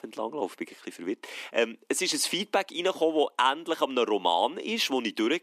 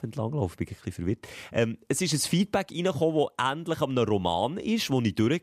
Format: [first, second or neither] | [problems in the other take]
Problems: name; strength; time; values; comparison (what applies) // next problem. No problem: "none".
second | thin; somewhat; fading below 250 Hz